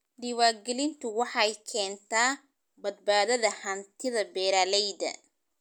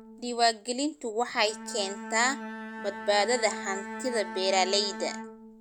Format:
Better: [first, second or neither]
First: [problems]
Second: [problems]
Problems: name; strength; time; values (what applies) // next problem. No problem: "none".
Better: first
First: none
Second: background sound (Bowed string instrument); 11 dB below the speech